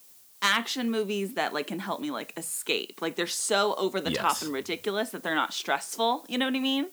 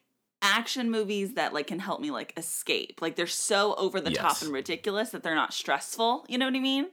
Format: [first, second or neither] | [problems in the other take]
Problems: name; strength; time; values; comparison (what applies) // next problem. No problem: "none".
second | hiss; faint; throughout; 20 dB below the speech